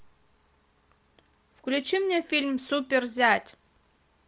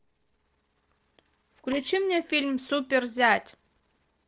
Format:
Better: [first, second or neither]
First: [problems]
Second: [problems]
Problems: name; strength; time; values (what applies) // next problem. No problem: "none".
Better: first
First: none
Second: noise reduction (neural separator model SepFormer DNS4)